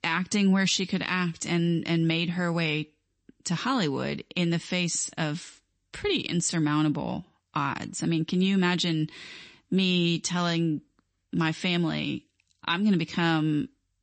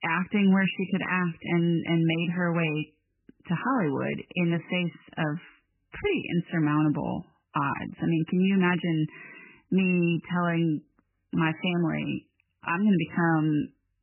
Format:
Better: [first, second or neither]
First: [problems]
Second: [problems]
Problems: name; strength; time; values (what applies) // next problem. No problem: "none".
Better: first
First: garbled, watery; slightly; nothing above 8 kHz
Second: garbled, watery; badly; nothing above 3 kHz